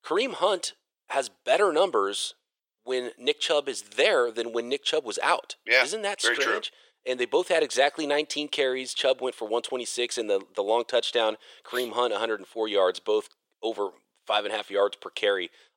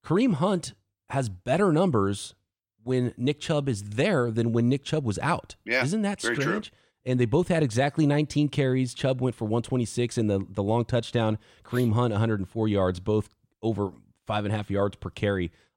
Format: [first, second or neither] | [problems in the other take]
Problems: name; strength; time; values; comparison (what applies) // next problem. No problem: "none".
second | thin; very; fading below 450 Hz